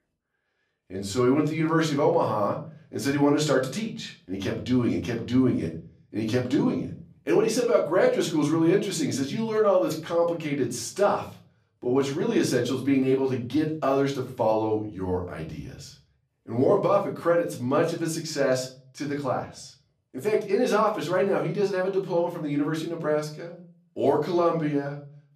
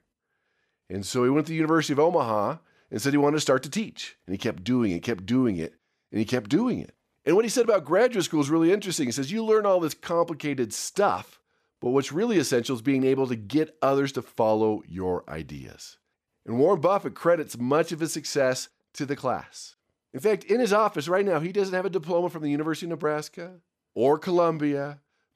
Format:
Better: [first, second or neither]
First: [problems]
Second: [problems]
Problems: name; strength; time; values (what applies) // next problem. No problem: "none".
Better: second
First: off-mic speech; far // room echo; very slight; dies away in 0.4 s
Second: none